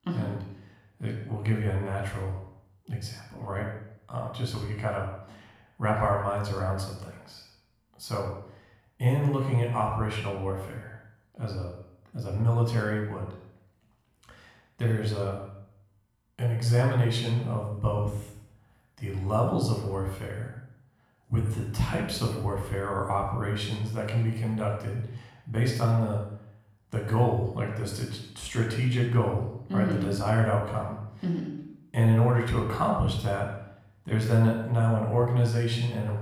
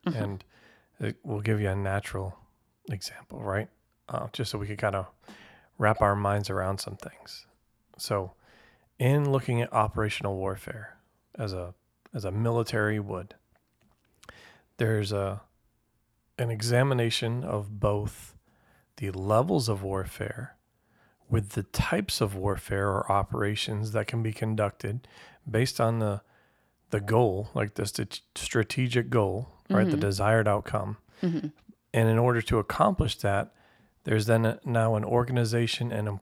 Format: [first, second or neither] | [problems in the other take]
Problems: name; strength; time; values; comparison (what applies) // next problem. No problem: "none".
second | off-mic speech; somewhat distant // room echo; noticeable; dies away in 0.6 s